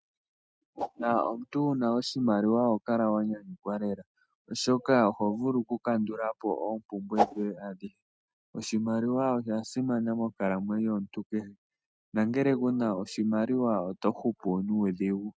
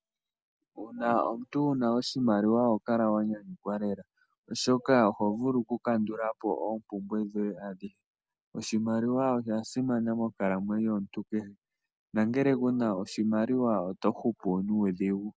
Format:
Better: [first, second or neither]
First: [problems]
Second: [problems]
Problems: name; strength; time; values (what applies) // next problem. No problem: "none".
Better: second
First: noise reduction (neural mask model RNNoise)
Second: none